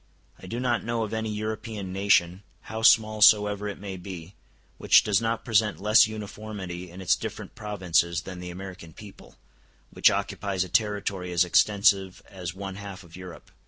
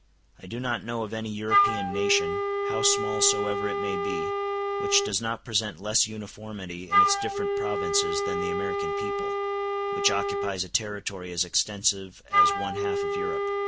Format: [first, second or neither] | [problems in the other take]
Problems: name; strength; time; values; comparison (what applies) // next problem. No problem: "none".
first | background sound (Wind instrument, woodwind instrument); 3 dB above the speech